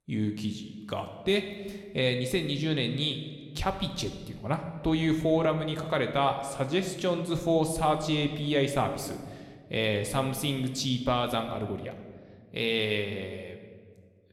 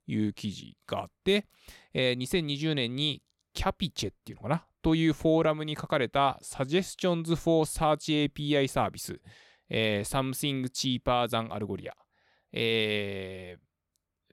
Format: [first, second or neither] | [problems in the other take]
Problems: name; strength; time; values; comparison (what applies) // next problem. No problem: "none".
second | room echo; slight; dies away in 1.2 s